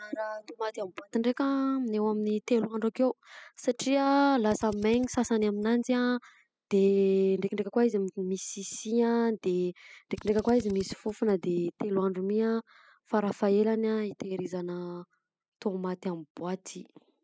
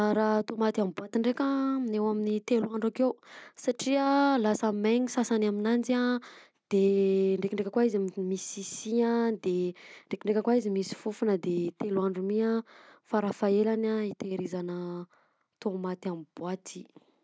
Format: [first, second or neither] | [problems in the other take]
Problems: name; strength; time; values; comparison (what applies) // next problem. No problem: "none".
second | noise reduction (classical method spectral subtraction)